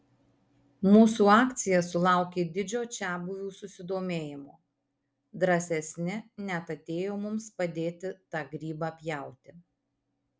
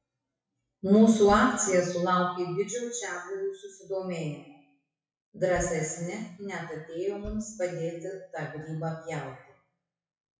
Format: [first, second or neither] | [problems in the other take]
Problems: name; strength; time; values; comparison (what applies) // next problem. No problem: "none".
first | noise reduction (classical method WPE with log-MMSE)